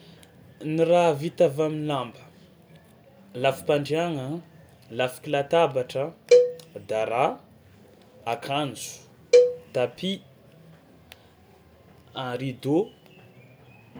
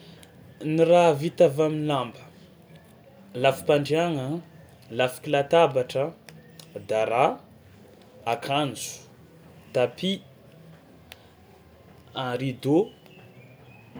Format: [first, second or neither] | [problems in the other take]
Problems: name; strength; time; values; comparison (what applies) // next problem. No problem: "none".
second | background sound (Cowbell); 4 dB above the speech